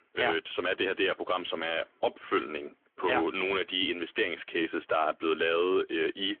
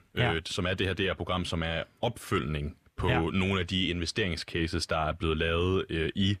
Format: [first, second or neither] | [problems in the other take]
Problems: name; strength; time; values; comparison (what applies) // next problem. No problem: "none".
second | phone-call audio; nothing above 3.5 kHz